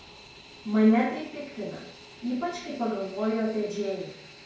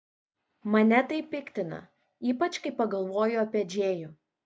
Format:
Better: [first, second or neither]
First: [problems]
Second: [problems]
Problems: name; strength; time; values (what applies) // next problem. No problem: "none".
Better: second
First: background sound (Fixed-wing aircraft, airplane); 20 dB below the speech // room echo; dies away in 0.5 s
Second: none